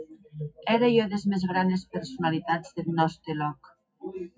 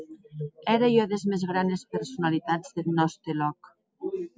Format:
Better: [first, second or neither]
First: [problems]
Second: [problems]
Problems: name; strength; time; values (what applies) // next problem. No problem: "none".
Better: second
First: room echo; dies away in 0.3 s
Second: none